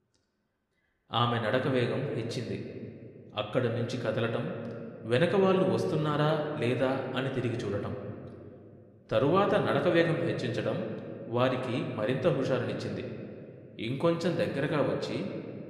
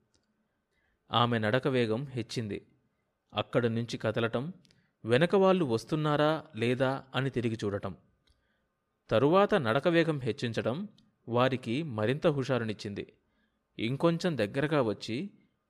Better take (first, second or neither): second